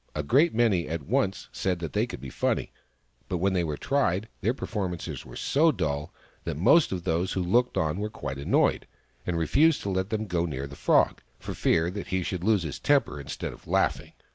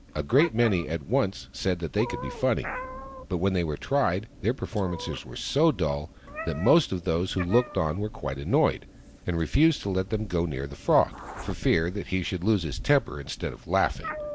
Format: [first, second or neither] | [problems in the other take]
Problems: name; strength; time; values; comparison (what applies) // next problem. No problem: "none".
first | background sound (Meow); 14 dB below the speech